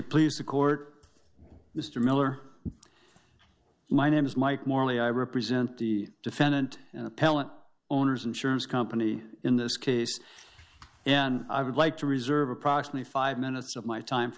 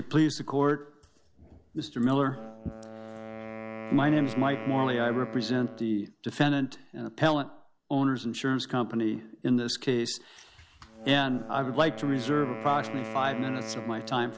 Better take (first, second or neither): first